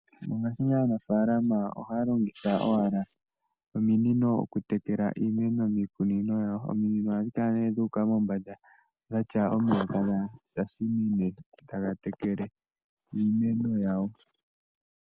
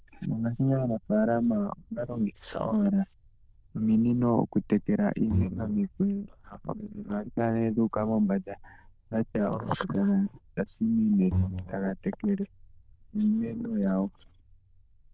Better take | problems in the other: first | noise reduction (neural diffusion model UNIVERSE++)

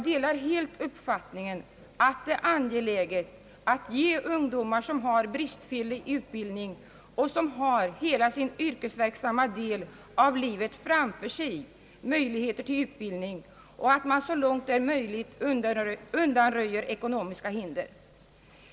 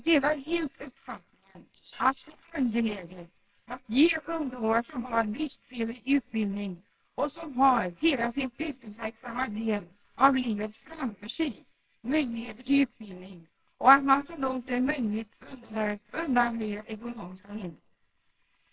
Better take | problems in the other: first | noise reduction (neural separator model SepFormer WHAMR!)

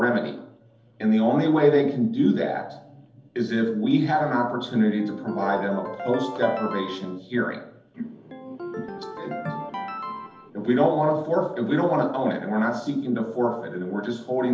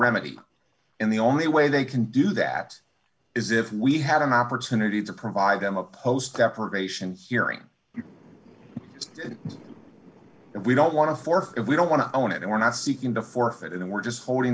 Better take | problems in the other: second | background sound (Ringtone); 11 dB below the speech // room echo; dies away in 1.2 s

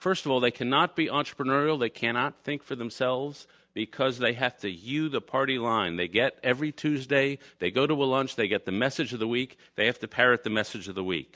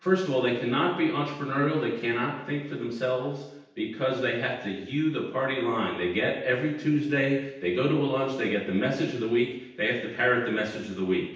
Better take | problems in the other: first | room echo; dies away in 0.9 s

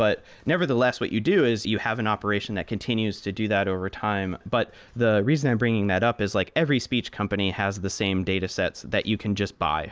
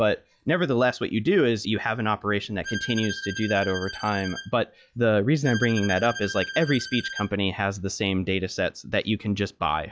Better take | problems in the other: first | noise reduction (classical method log-MMSE)

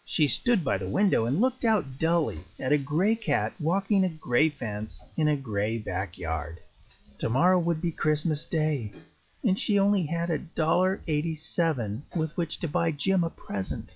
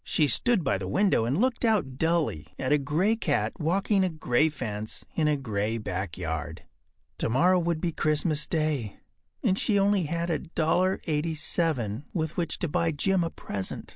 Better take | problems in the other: second | noise reduction (classical method log-MMSE)

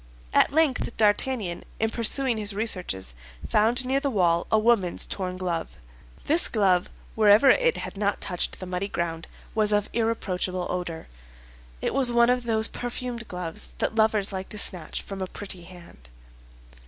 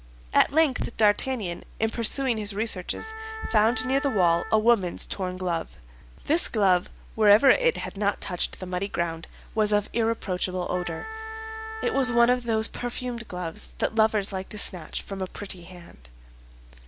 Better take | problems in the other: first | background sound (Wind instrument, woodwind instrument); 11 dB below the speech

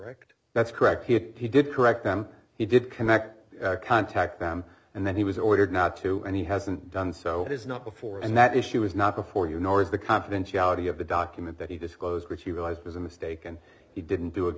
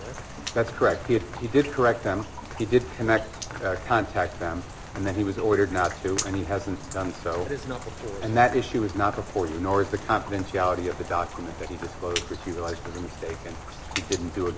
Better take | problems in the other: first | background sound (Rain); 10 dB below the speech

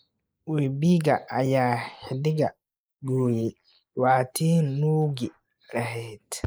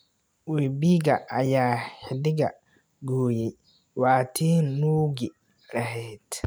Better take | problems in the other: second | noise reduction (neural mask model Resemble Enhance denoiser)

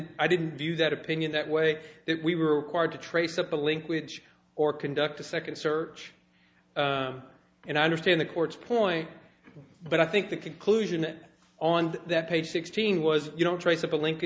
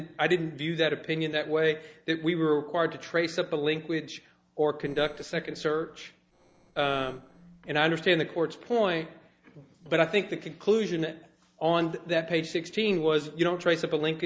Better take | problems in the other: first | noise reduction (neural separator model SepFormer DNS4)

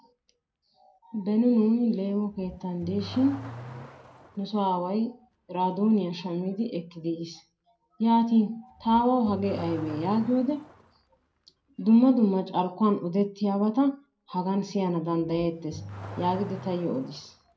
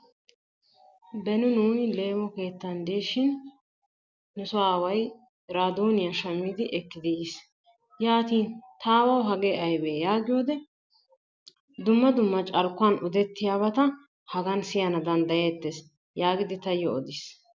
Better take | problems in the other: second | background sound (Accelerating, revving, vroom / Car); 19 dB below the speech // room echo; dies away in 0.2 s

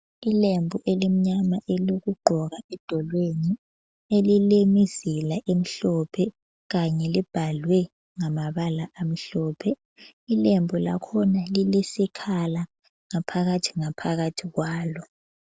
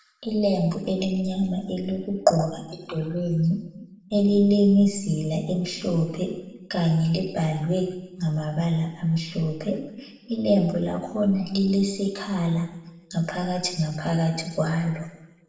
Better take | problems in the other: first | room echo; dies away in 1 s

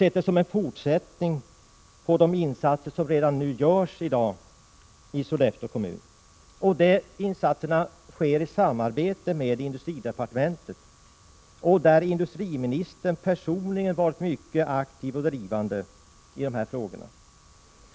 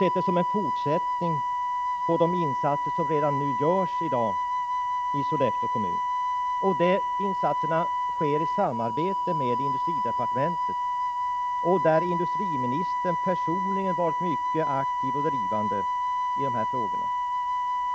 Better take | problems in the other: first | background sound (Wind instrument, woodwind instrument); 2 dB above the speech

